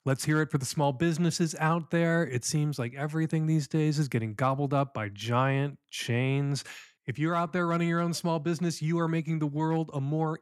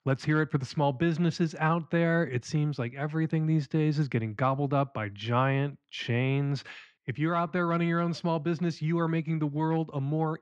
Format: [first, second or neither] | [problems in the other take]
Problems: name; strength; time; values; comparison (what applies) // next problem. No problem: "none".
first | muffled; slightly; fading above 4 kHz